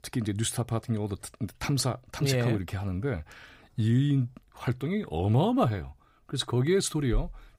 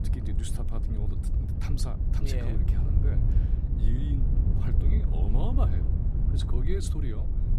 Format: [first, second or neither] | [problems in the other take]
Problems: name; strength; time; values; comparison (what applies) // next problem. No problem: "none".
first | wind noise on the microphone; heavy; 1 dB below the speech